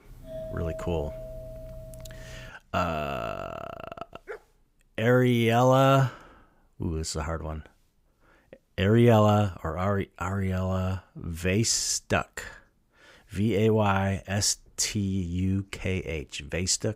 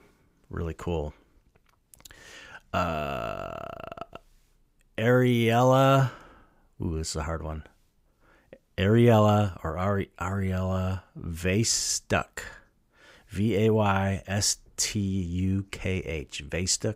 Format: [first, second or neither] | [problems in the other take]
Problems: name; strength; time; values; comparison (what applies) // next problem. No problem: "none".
second | doorbell; faint; until 2.5 s; peak 10 dB below the speech // dog barking; faint; at 4.5 s; peak 20 dB below the speech